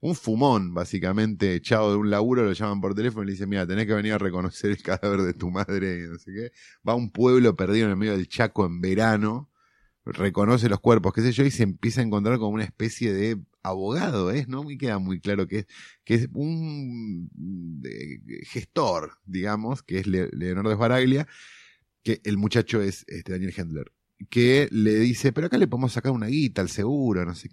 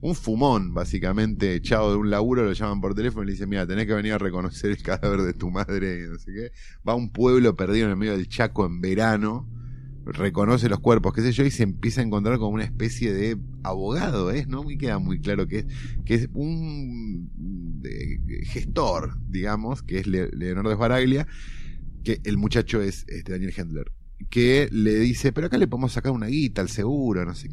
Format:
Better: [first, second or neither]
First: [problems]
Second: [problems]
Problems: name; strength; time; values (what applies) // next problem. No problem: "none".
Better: first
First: none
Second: low rumble; faint; throughout; 25 dB below the speech